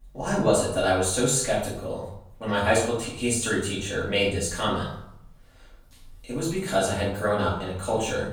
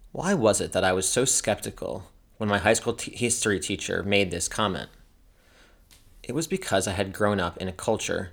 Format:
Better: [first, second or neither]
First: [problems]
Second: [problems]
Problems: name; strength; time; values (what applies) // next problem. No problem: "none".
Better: second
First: room echo; noticeable; dies away in 0.6 s // off-mic speech; far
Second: none